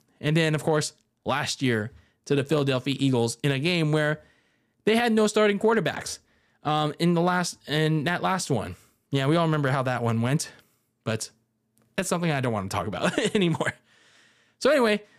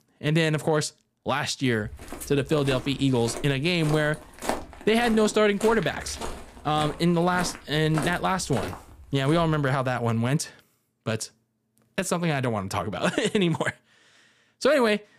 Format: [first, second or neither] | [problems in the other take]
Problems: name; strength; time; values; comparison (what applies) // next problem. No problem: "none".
first | footsteps; noticeable; from 2 to 9.5 s; peak 6 dB below the speech